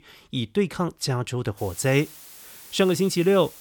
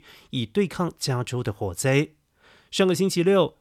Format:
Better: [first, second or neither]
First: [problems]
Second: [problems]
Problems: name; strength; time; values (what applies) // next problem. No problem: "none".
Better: second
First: hiss; noticeable; from 1.5 s on; 20 dB below the speech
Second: none